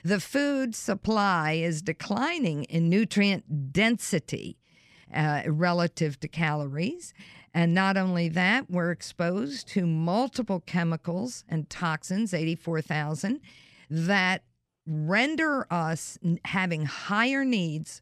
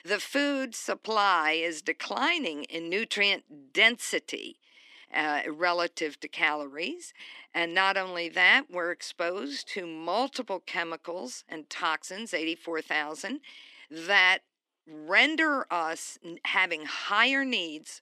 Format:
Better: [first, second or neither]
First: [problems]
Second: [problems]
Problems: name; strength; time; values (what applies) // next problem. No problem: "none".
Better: first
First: none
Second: thin; somewhat; fading below 300 Hz